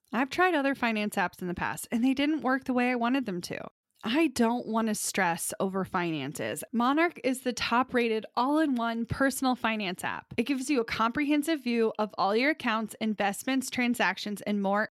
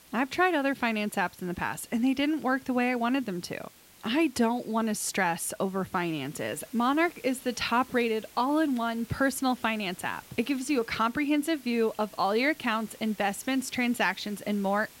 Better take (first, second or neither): first